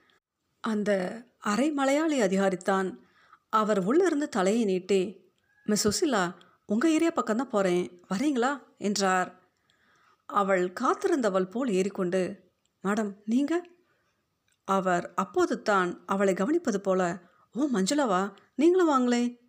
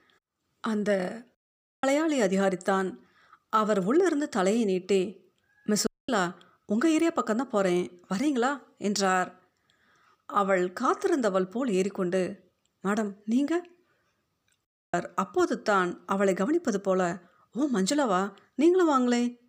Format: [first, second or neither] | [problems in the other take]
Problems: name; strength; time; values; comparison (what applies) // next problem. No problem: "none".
first | audio cutting out; at 1.5 s, at 6 s and at 15 s